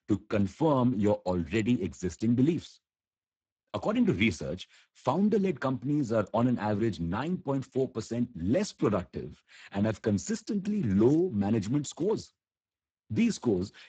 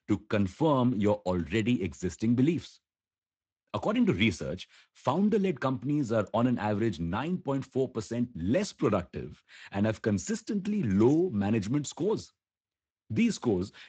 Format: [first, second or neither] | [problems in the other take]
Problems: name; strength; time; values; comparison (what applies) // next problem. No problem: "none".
second | garbled, watery; badly; nothing above 7.5 kHz; slightly in the second